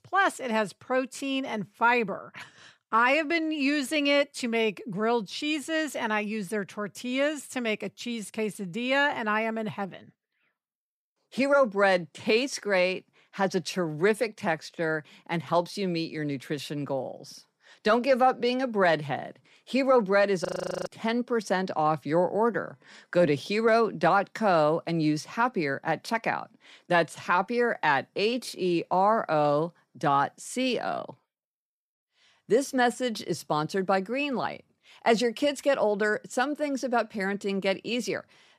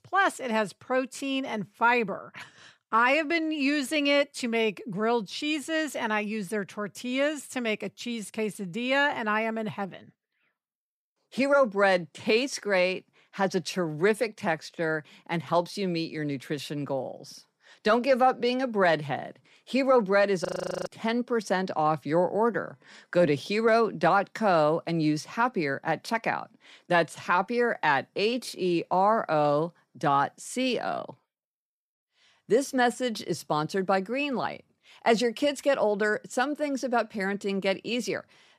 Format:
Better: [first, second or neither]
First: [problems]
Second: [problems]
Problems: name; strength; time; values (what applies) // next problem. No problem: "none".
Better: neither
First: audio freezing; at 20 s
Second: audio freezing; at 20 s